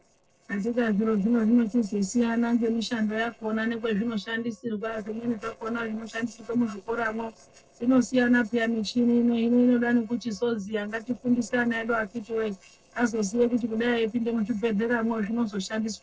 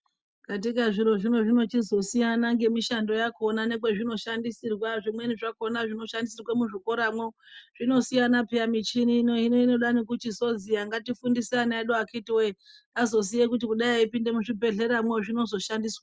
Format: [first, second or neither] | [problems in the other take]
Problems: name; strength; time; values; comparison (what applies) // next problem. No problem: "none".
second | noise reduction (neural separator model SepFormer DNS4)